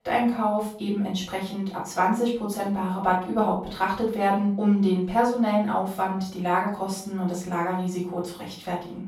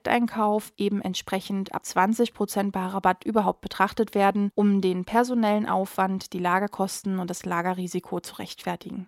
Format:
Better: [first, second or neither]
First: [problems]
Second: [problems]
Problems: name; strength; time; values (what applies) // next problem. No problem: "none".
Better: second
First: room echo; noticeable; dies away in 0.4 s // off-mic speech; far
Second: none